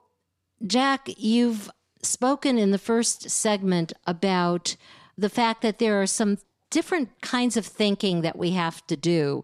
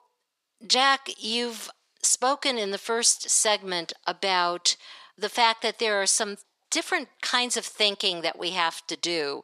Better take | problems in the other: first | thin; very; fading below 600 Hz

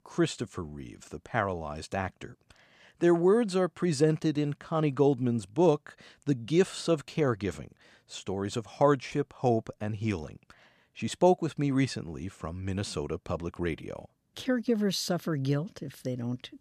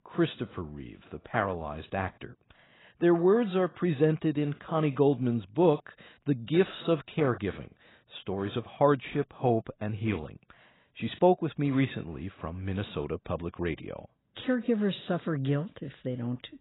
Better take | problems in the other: first | garbled, watery; badly; nothing above 4 kHz

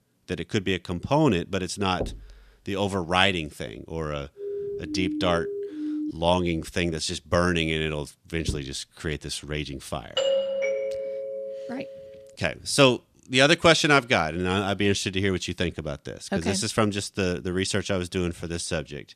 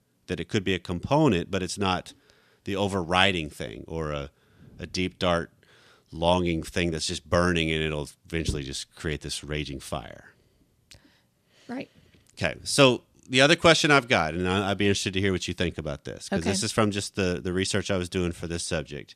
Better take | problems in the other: second | door banging; faint; at 2 s; peak 10 dB below the speech // siren; noticeable; from 4.5 to 6 s; peak 5 dB below the speech // doorbell; loud; from 10 to 12 s; peak 1 dB above the speech

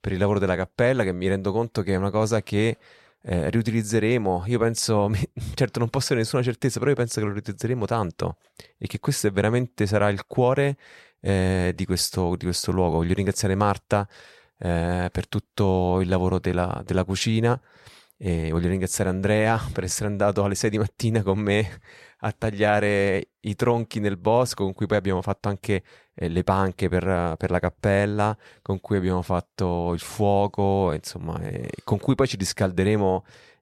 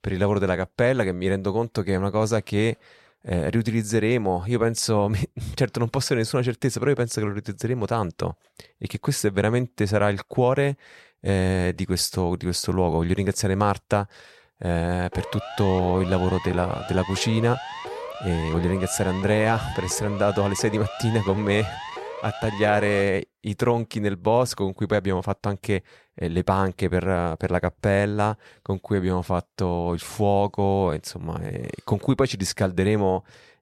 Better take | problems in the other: first | siren; noticeable; from 15 to 23 s; peak 10 dB below the speech

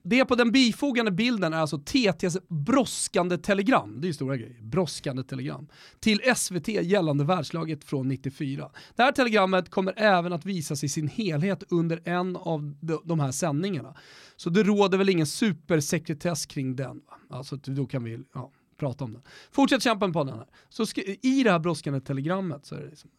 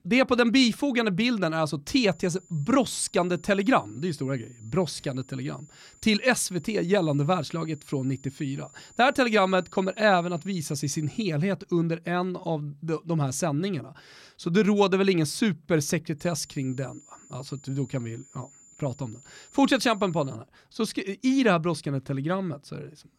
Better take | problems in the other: first | high-pitched whine; faint; from 2 to 11 s and from 16 to 20 s; 7 kHz, 25 dB below the speech

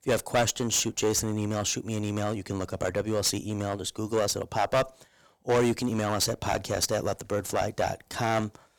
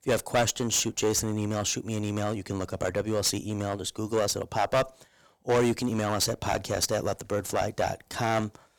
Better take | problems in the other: neither | distortion; heavy; 6% of the sound clipped; the same in both

